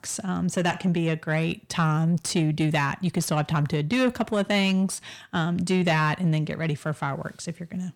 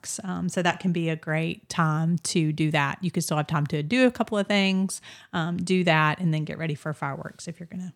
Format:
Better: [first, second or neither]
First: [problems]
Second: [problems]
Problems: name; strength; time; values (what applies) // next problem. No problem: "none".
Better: second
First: distortion; slight; 10 dB below the speech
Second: none